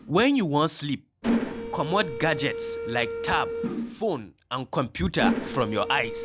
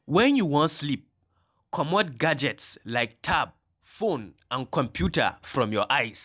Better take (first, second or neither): second